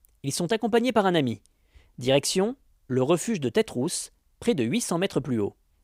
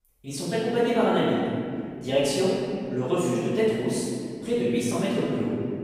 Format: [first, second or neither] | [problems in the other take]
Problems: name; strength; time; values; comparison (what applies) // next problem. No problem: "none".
first | off-mic speech; far // room echo; strong; dies away in 2.2 s